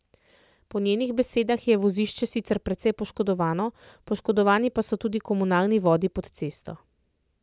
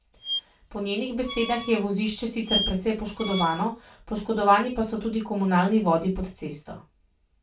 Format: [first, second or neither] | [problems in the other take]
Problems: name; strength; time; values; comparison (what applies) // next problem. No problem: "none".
first | background sound (Squeak); 8 dB below the speech // room echo; dies away in 0.2 s